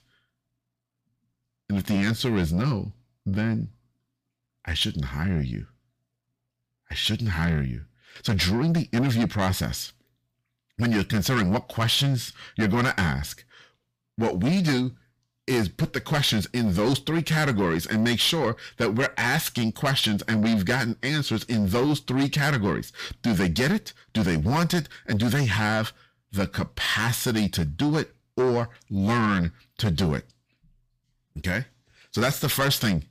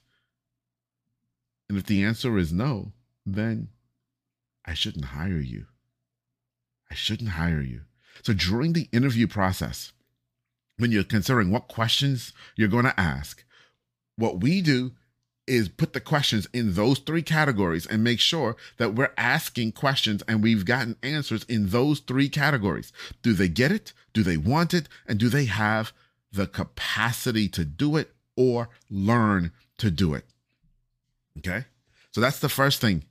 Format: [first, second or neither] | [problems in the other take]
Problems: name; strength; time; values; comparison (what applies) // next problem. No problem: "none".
second | distortion; heavy; 8 dB below the speech